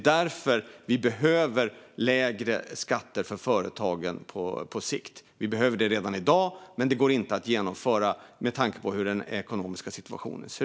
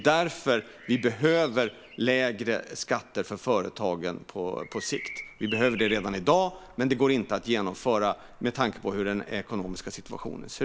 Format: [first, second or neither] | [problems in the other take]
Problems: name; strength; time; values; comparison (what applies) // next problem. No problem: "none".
first | background sound (Bird vocalization, bird call, bird song); 17 dB below the speech